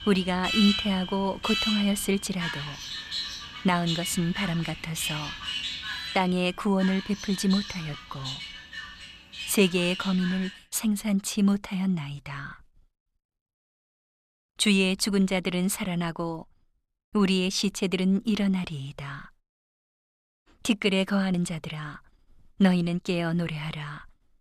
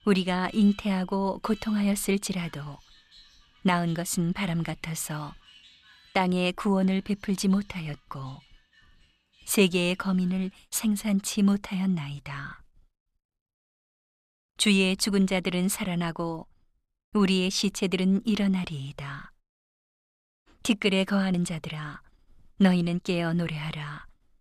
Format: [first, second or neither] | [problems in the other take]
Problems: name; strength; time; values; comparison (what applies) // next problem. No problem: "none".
second | alarms or sirens; loud; until 11 s; 6 dB below the speech; faint in the second